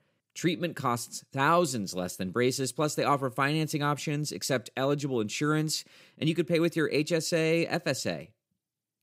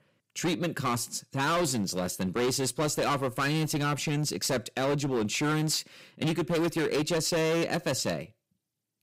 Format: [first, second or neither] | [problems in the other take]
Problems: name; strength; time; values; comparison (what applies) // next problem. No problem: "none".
first | distortion; heavy; 18% of the sound clipped